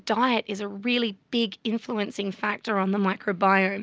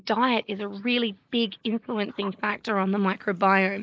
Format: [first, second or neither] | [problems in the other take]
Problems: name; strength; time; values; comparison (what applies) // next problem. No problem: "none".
first | noise reduction (neural mask model Resemble Enhance denoiser)